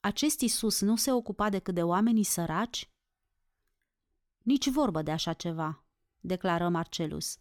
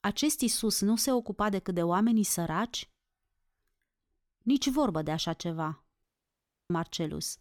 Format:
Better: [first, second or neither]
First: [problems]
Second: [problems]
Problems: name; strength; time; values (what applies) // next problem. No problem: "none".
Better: first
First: none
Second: audio cutting out; at 6 s for 0.5 s